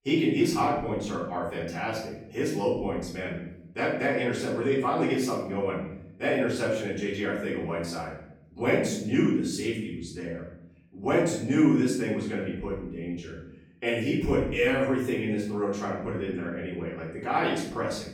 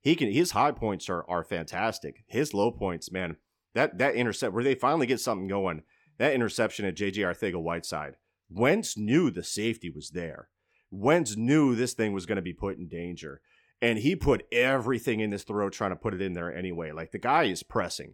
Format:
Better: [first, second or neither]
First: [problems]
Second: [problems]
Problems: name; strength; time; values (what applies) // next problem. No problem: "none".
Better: second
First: off-mic speech; far // room echo; noticeable; dies away in 0.8 s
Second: none